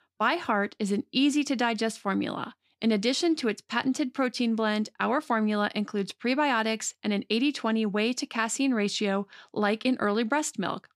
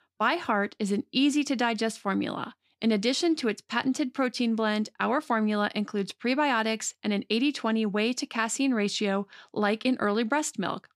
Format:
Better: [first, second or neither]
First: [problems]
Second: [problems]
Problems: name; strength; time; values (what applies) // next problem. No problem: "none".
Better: neither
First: none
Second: none